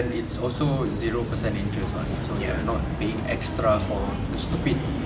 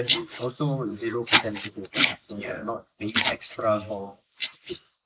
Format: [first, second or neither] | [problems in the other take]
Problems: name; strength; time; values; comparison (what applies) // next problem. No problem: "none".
first | noise reduction (neural mask model Resemble Enhance denoiser)